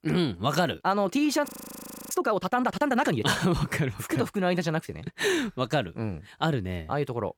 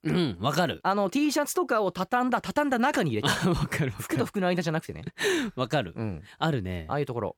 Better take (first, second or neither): second